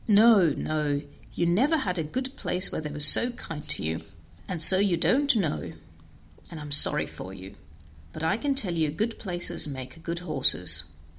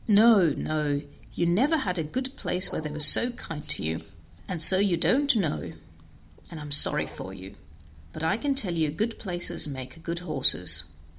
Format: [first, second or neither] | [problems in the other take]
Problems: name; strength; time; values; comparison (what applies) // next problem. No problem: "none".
first | background sound (Bark); 15 dB below the speech